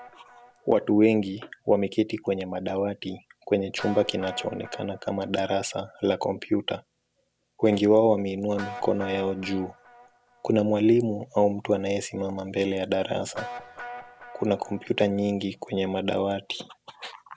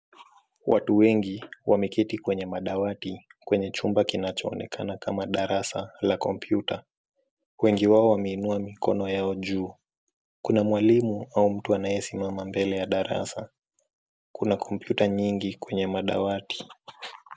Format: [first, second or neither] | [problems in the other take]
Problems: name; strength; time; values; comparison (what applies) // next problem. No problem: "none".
second | background sound (Guitar); 19 dB below the speech